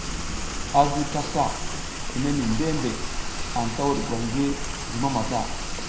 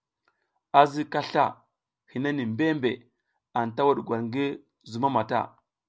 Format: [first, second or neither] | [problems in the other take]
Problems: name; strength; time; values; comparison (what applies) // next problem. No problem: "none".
second | background sound (Rain); 2 dB below the speech // room echo; dies away in 0.8 s